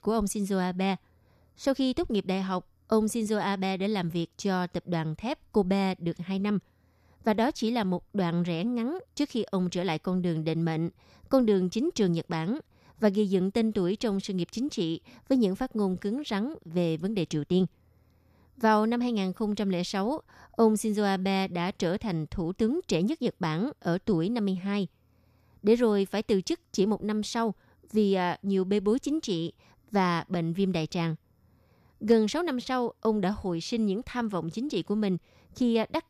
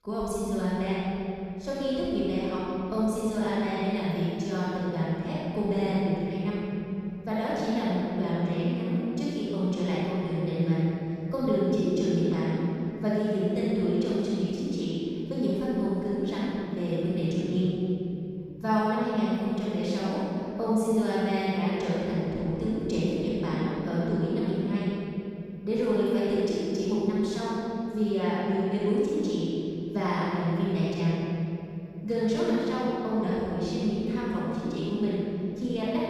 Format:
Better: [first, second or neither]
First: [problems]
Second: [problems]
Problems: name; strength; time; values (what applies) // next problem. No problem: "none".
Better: first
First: none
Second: off-mic speech; far // room echo; strong; dies away in 3 s